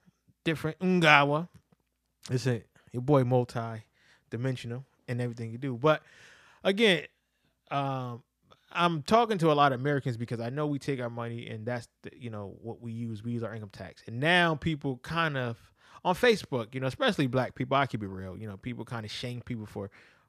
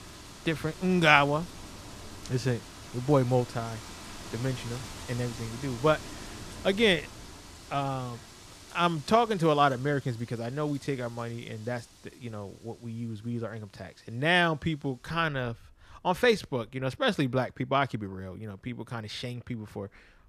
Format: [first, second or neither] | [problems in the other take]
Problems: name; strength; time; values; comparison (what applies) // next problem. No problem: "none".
first | wind in the background; noticeable; throughout; 15 dB below the speech